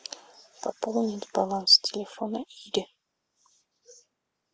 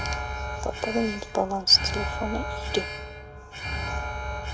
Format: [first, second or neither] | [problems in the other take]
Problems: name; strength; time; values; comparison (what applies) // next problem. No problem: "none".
first | background sound (Alarm); 3 dB below the speech